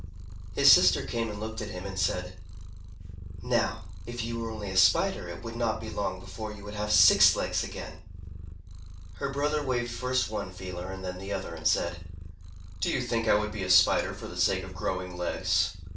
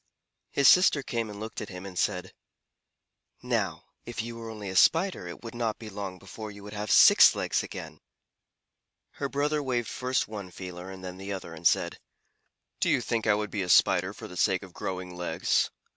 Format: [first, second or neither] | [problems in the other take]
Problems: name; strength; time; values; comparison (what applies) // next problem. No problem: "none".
second | background sound (Purr); 9 dB below the speech // room echo; dies away in 0.3 s